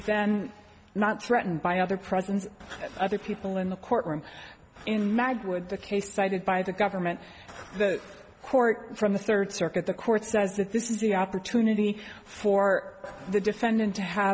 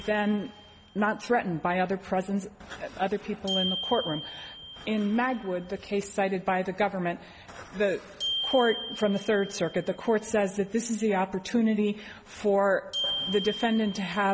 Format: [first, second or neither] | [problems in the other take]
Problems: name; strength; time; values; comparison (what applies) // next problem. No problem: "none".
first | background sound (Glockenspiel); 11 dB below the speech